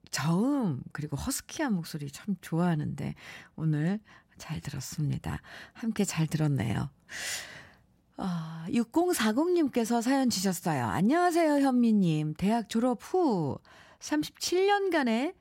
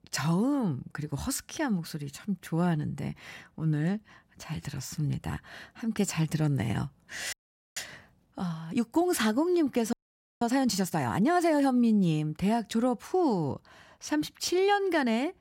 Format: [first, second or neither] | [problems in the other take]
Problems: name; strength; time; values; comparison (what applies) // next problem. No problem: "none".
first | audio freezing; at 7.5 s and at 10 s